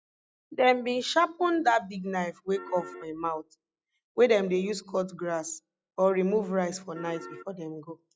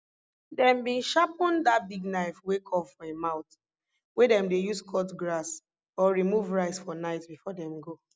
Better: second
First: noise reduction (classical method log-MMSE)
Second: none

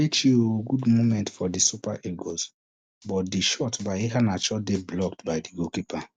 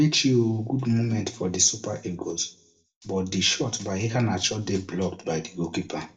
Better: first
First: none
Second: room echo; dies away in 0.3 s

